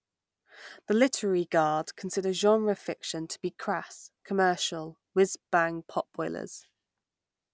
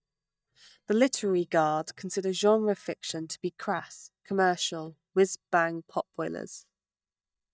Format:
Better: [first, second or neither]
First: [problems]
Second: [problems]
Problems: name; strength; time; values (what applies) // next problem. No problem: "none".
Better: first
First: none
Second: noise reduction (neural mask model DeepFilterNet 3)